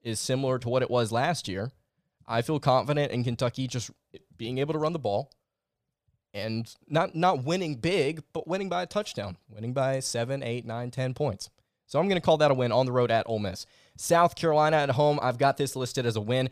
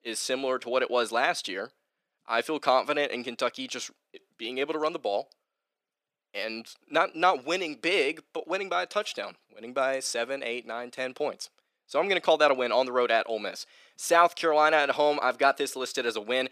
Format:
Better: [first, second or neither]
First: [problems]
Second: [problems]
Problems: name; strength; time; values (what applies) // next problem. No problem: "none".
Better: first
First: none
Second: thin; somewhat; fading below 300 Hz